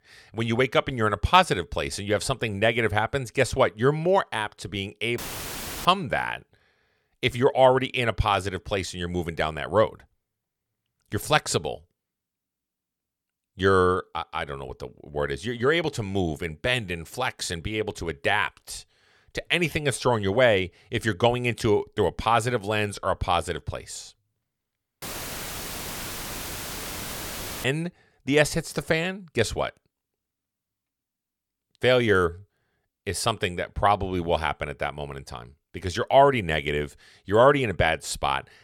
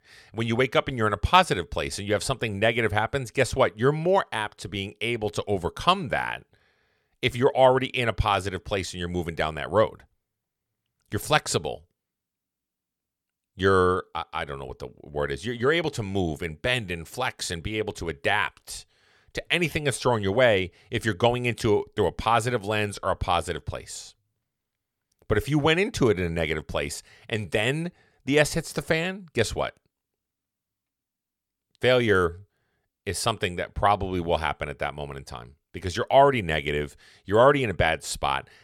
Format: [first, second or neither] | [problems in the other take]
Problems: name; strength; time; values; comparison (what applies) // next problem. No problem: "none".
second | audio cutting out; filled with static; at 5 s for 0.5 s and at 25 s for 2.5 s